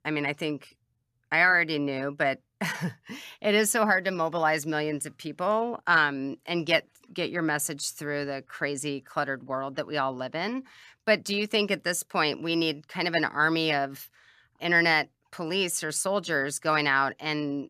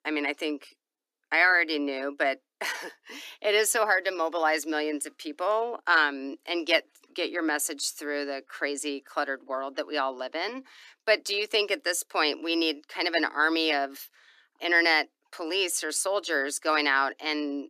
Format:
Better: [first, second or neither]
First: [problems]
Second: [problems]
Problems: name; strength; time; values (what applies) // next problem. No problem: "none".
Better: first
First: none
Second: thin; very slightly; fading below 300 Hz